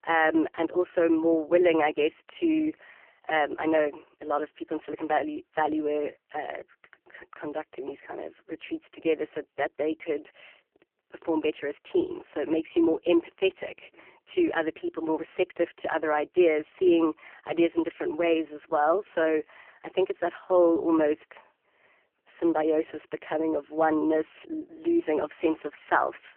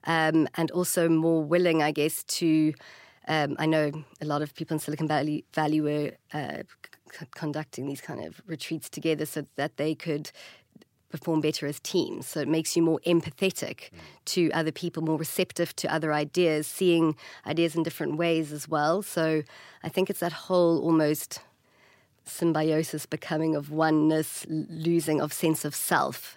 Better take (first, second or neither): second